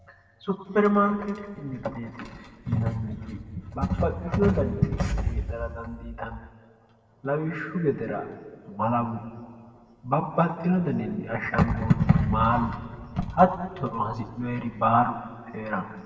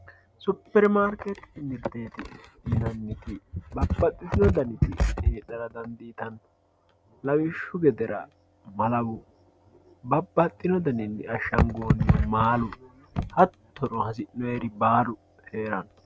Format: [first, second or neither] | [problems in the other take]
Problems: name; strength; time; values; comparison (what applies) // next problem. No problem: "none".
second | room echo; dies away in 1.9 s